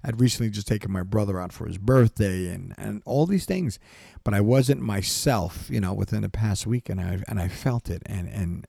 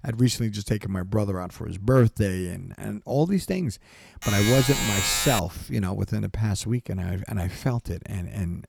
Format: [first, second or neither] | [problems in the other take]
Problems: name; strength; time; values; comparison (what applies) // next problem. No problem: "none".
first | alarm; loud; from 4 to 5.5 s; peak 2 dB above the speech